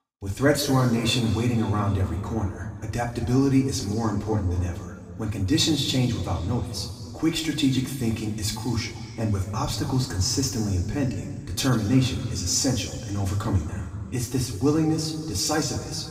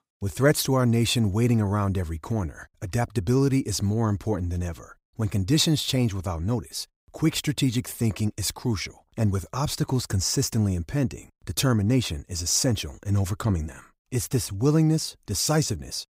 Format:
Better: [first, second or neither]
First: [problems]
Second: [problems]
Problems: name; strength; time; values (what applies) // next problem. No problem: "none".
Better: second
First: room echo; slight; dies away in 2.1 s // off-mic speech; far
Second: none